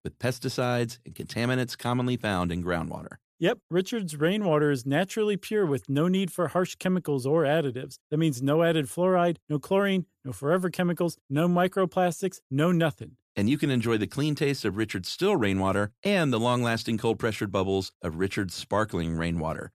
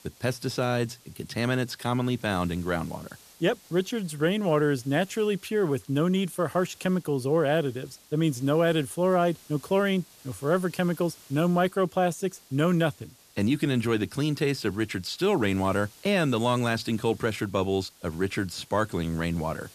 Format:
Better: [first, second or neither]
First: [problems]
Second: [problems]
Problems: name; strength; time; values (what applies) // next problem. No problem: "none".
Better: first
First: none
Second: hiss; faint; throughout; 25 dB below the speech